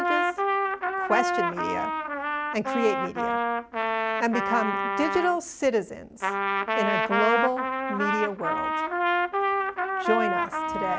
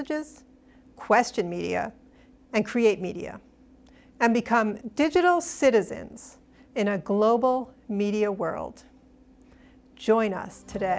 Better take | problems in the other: second | background sound (Trumpet); 3 dB above the speech

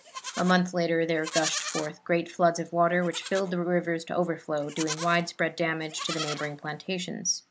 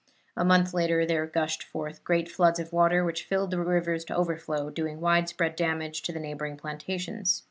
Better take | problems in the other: second | background sound (Livestock, farm animals, working animals); 12 dB below the speech

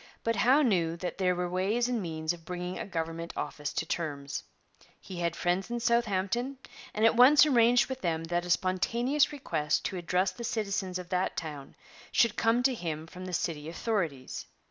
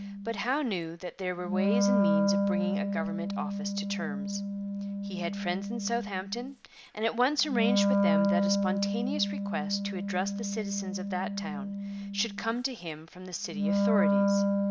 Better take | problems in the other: first | background sound (Wind instrument, woodwind instrument); 4 dB above the speech

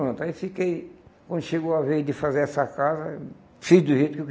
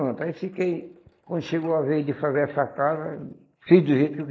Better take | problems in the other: first | noise reduction (neural mask model Resemble Enhance denoiser)

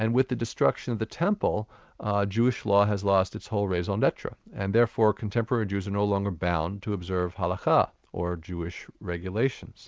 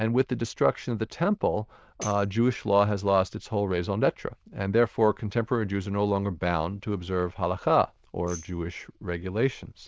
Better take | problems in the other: first | noise reduction (neural diffusion model UNIVERSE++)

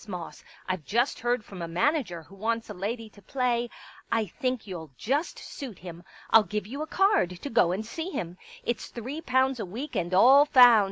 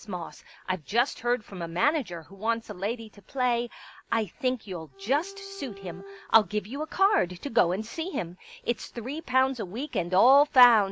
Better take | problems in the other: first | background sound (Bowed string instrument); 18 dB below the speech

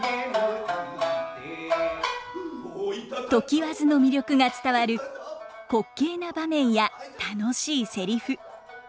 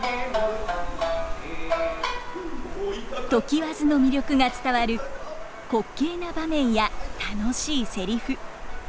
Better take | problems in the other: first | background sound (Water); 5 dB below the speech

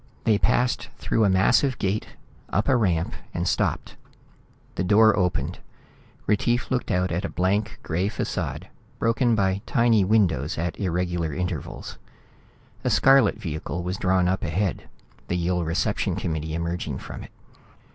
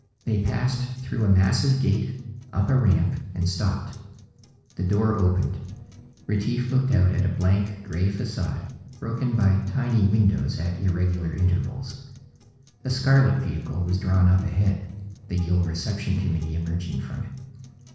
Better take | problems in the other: first | noise reduction (neural separator model SepFormer DNS4)

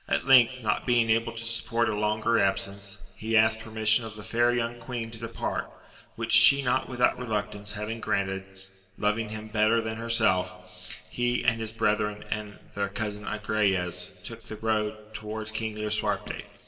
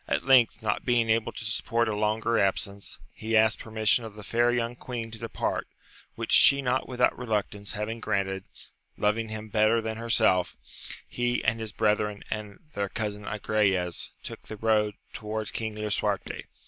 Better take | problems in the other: second | room echo; dies away in 1.4 s

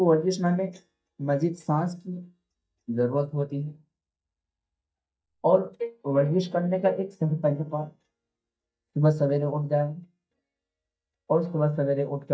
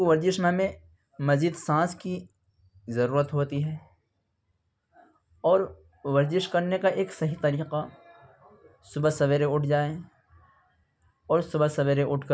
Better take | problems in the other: second | noise reduction (neural mask model DeepFilterNet 3)

